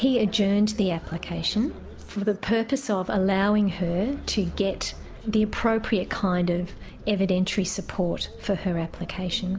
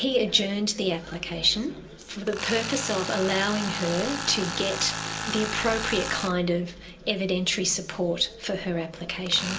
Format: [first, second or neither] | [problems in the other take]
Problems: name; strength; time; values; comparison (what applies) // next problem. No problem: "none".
first | background sound (Tools); 8 dB below the speech // room echo; dies away in 0.2 s